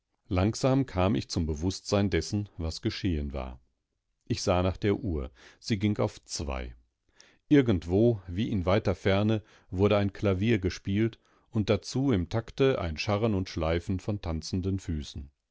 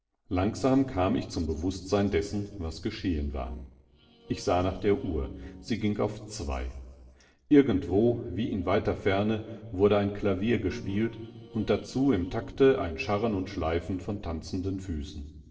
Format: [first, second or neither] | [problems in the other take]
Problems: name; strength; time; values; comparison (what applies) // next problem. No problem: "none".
first | noise reduction (neural separator model SepFormer DNS4)